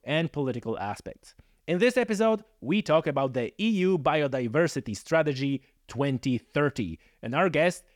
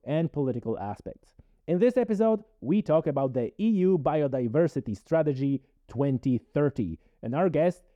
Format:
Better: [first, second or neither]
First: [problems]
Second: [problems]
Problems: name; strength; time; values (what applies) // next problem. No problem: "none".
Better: first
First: none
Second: muffled; slightly; fading above 1 kHz